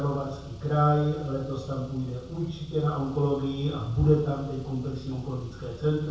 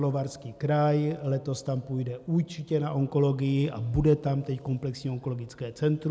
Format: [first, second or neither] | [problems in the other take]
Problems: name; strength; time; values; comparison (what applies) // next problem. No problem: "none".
second | background sound (Car); 17 dB below the speech // room echo; dies away in 0.7 s